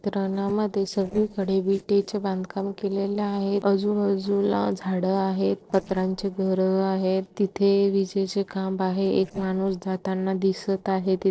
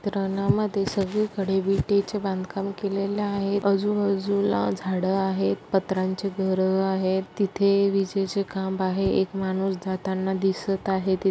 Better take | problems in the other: second | noise reduction (neural separator model SepFormer DNS4)

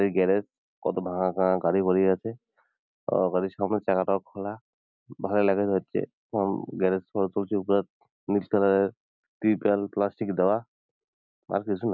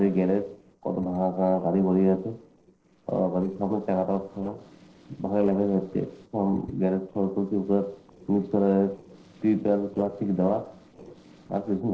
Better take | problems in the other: first | noise reduction (neural separator model SepFormer DNS4)

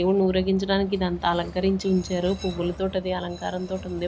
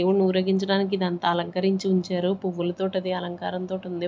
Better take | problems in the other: second | background sound (Train); 15 dB below the speech

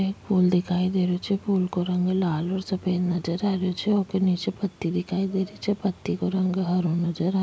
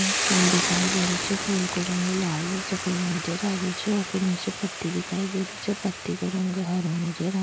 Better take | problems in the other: first | background sound (Boiling / Hiss); 3 dB below the speech

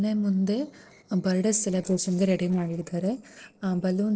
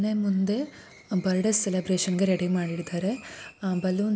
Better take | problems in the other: second | noise reduction (neural separator model SepFormer DNS4)

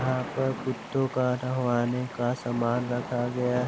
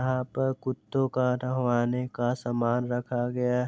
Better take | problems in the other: second | background sound (Stream + Thunder / Rain); 11 dB below the speech

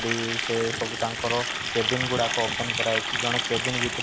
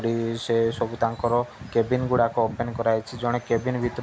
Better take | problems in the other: second | background sound (Water tap, faucet); as loud as the speech

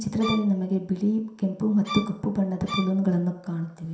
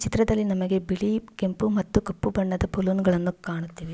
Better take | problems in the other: second | background sound (Bowed string instrument); 10 dB below the speech // room echo; dies away in 0.7 s

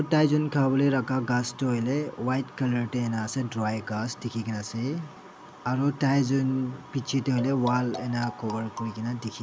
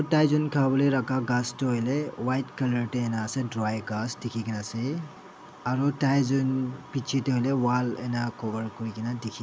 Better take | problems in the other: second | background sound (Marimba, xylophone); 14 dB below the speech

